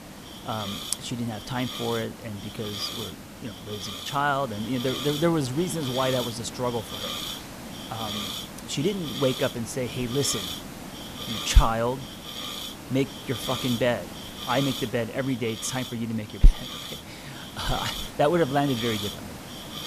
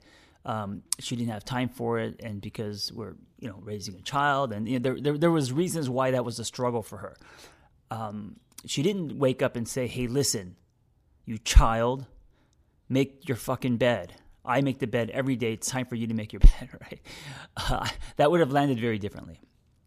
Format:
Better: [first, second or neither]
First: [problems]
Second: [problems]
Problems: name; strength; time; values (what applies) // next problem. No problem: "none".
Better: second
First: hiss; loud; throughout; 7 dB below the speech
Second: none